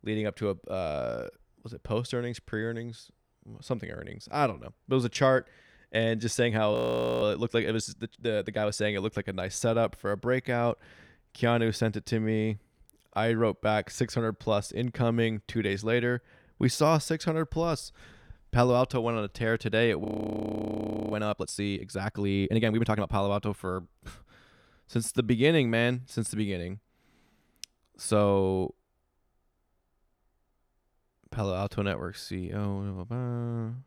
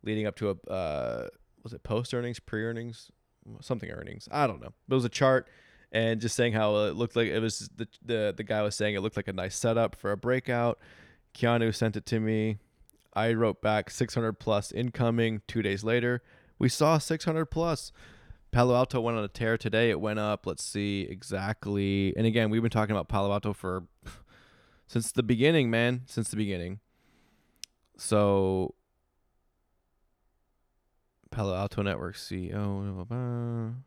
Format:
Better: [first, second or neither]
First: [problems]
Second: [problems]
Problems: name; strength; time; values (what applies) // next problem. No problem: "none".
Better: second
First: audio freezing; at 6.5 s and at 20 s for 1 s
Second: none